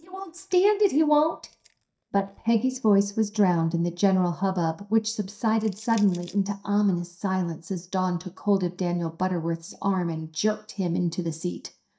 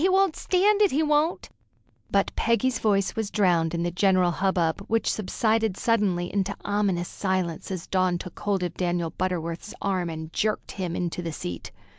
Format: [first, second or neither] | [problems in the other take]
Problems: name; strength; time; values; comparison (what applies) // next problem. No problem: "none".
second | noise reduction (neural mask model DeepFilterNet 3)